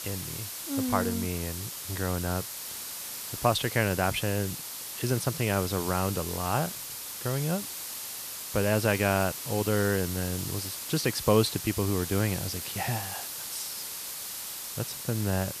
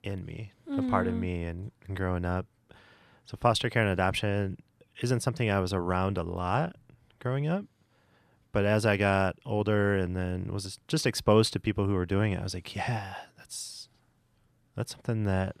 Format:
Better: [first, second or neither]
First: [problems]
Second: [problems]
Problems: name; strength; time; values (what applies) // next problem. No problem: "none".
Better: second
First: hiss; loud; throughout; 5 dB below the speech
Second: none